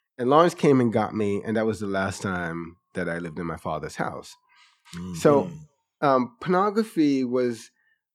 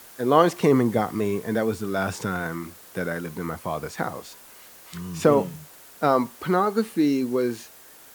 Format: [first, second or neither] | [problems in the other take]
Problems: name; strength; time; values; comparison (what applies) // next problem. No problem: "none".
first | hiss; faint; throughout; 20 dB below the speech